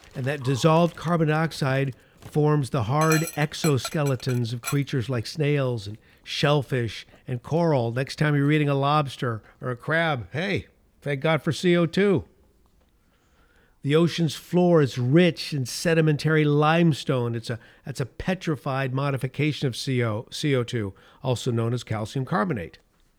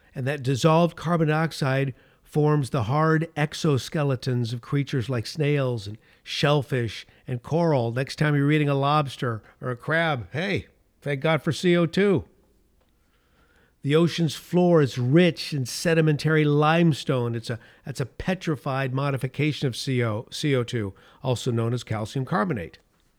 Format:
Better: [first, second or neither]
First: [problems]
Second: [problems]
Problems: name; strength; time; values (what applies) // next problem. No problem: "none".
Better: second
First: animal sounds; noticeable; throughout; 10 dB below the speech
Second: none